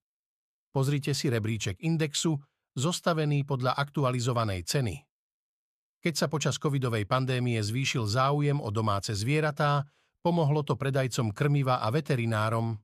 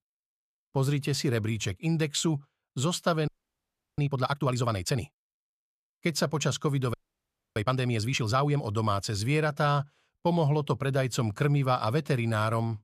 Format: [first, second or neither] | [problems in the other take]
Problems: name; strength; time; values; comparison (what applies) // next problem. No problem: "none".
first | audio freezing; at 3.5 s for 0.5 s and at 7 s for 0.5 s